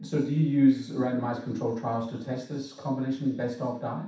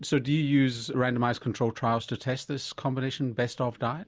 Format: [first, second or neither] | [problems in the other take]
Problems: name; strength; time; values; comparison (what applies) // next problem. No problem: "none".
second | room echo; dies away in 0.7 s